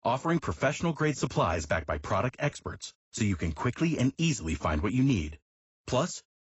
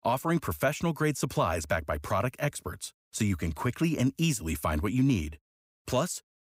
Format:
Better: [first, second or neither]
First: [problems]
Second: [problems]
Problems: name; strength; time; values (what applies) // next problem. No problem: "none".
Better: second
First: garbled, watery; badly; nothing above 8 kHz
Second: none